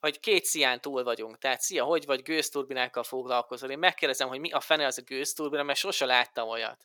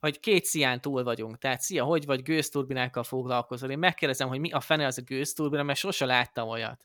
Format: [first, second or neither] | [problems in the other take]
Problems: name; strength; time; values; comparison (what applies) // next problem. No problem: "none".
second | thin; somewhat; fading below 450 Hz